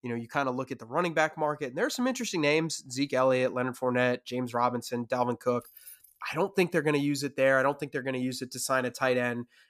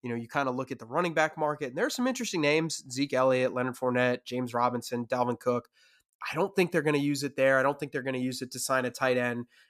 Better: second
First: jangling keys; faint; at 5.5 s; peak 20 dB below the speech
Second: none

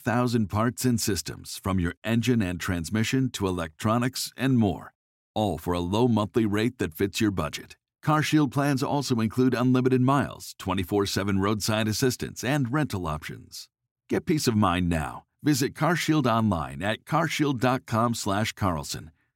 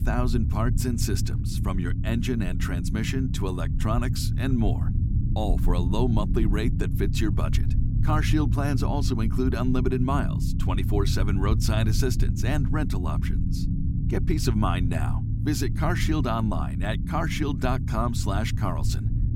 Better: first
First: none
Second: low rumble; loud; throughout; 8 dB below the speech

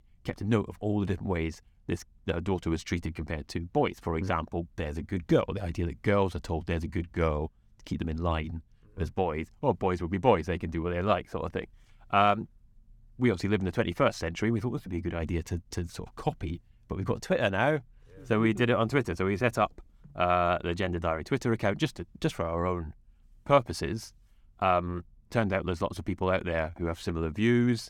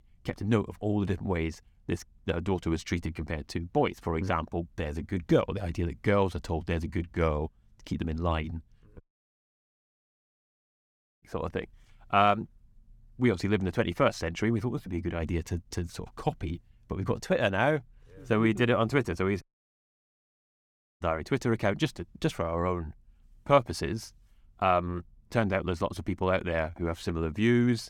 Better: first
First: none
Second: audio cutting out; at 9 s for 2 s and at 19 s for 1.5 s

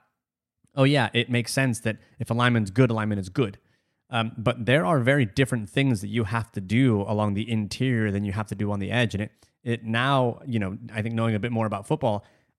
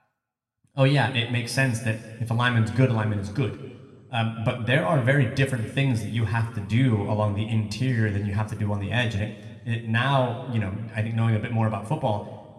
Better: first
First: none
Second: room echo; slight; dies away in 1.4 s

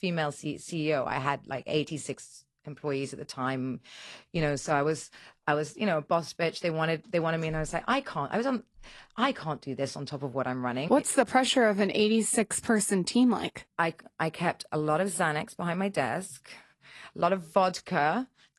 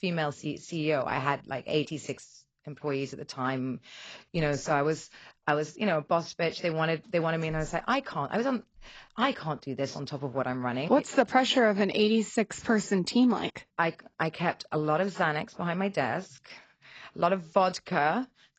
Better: first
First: garbled, watery; slightly; nothing above 11 kHz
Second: garbled, watery; badly; nothing above 7.5 kHz

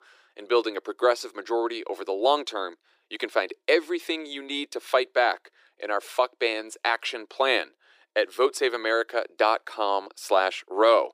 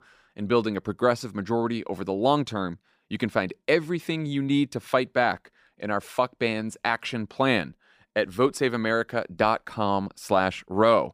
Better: second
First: thin; very; fading below 350 Hz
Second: none

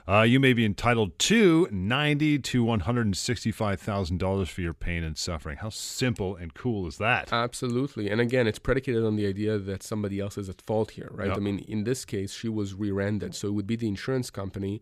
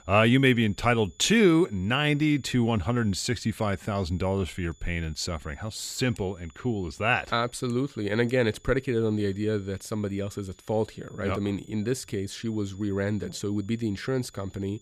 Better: first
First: none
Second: high-pitched whine; faint; throughout; 7 kHz, 30 dB below the speech

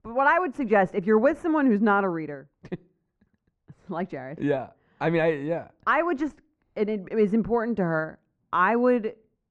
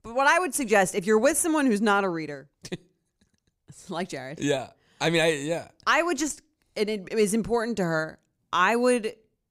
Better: second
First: muffled; very; fading above 1.5 kHz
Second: none

